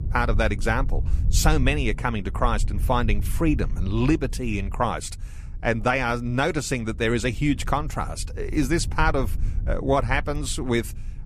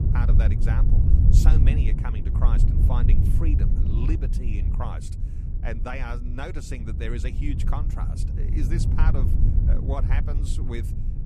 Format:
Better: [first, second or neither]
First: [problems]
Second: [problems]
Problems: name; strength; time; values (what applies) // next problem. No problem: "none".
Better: first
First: low rumble; faint; throughout; 20 dB below the speech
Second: low rumble; loud; throughout; 2 dB below the speech